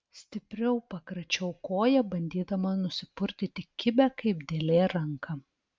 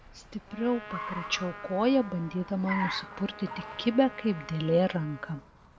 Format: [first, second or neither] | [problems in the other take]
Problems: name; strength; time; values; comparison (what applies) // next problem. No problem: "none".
first | background sound (Car + Trumpet); 11 dB below the speech